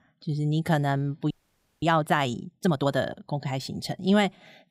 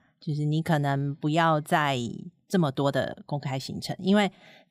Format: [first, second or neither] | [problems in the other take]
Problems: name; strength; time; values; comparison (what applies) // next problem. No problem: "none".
second | audio freezing; at 1.5 s for 0.5 s